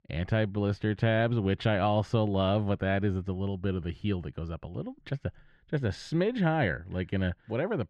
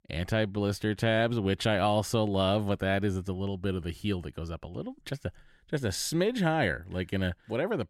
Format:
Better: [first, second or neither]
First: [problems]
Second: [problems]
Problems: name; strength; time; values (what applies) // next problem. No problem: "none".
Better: second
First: muffled; slightly; fading above 3 kHz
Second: none